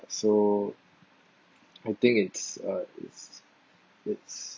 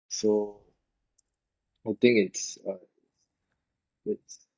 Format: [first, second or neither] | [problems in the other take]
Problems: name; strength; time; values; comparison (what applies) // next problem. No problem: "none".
first | noise reduction (neural mask model DeepFilterNet 3)